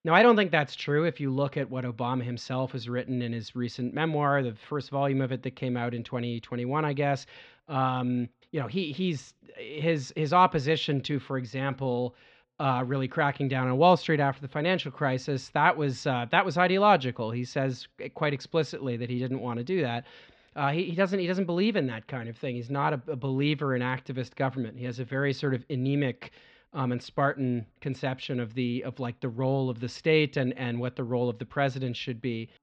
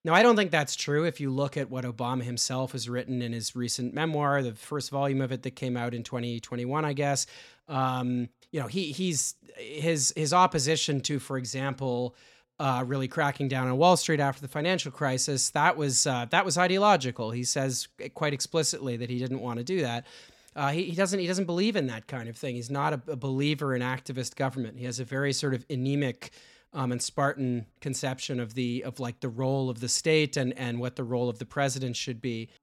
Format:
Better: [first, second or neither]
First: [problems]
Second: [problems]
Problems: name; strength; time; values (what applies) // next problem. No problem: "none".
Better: second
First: muffled; slightly; fading above 3.5 kHz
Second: none